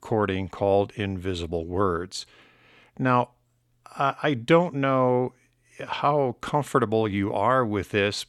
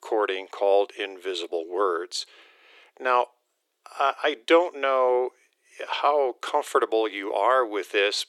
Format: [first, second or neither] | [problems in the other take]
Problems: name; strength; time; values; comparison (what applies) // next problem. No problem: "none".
first | thin; very; fading below 350 Hz